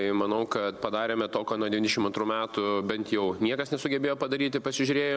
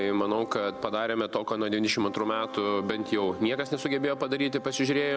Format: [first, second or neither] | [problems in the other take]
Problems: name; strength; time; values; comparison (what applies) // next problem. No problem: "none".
first | background sound (Wind instrument, woodwind instrument); 15 dB below the speech